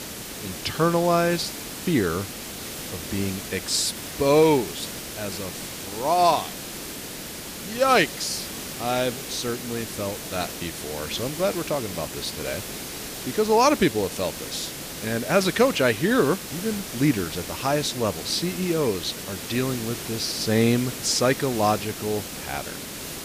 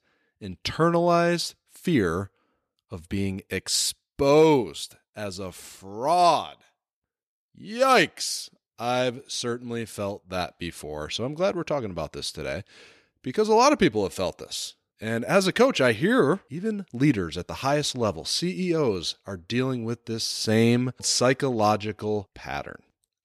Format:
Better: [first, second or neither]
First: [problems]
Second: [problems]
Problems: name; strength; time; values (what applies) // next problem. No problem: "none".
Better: second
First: hiss; loud; throughout; 8 dB below the speech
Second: none